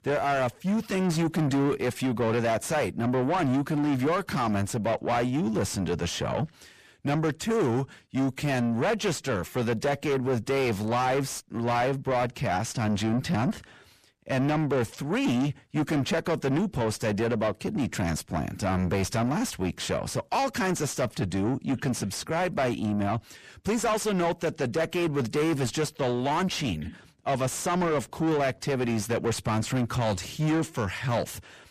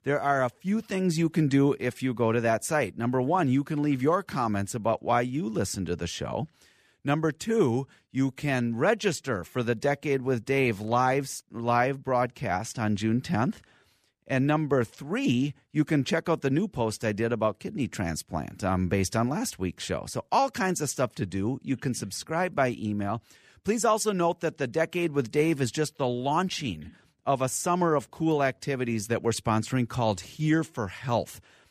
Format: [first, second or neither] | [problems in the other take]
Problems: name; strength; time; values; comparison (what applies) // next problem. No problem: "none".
second | distortion; heavy; 7 dB below the speech